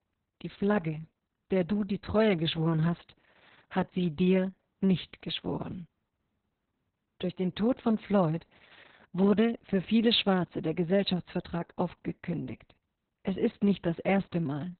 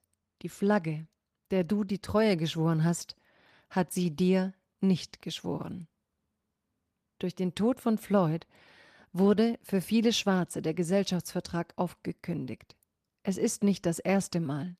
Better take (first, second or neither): second